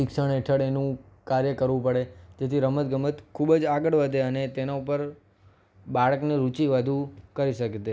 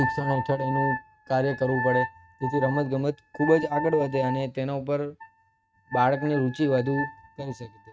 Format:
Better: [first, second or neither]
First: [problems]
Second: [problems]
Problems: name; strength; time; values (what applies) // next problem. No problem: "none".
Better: first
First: none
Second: noise reduction (neural mask model RNNoise)